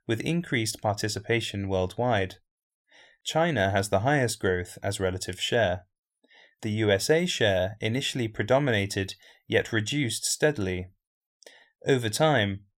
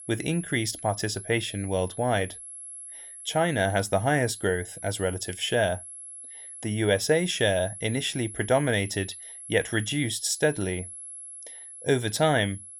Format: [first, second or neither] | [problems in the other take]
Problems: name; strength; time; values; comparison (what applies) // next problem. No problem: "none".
first | high-pitched whine; noticeable; throughout; 11 kHz, 10 dB below the speech